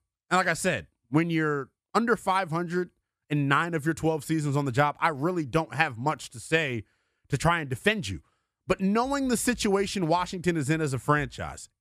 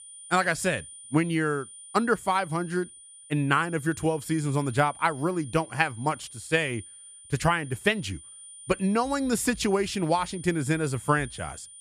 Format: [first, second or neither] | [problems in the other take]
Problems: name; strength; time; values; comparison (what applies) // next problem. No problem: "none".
first | high-pitched whine; noticeable; throughout; 9 kHz, 15 dB below the speech